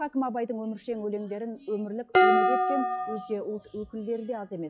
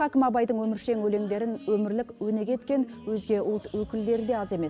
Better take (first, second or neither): second